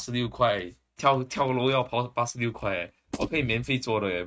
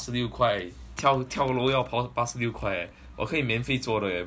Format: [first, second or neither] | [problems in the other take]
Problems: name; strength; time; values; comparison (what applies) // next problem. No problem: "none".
second | noise reduction (neural mask model RNNoise)